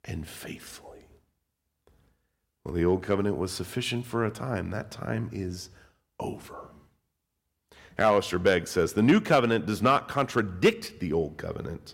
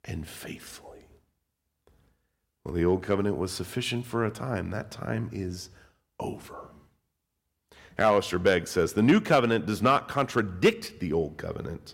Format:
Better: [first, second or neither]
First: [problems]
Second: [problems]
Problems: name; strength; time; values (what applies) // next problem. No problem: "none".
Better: neither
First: none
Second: none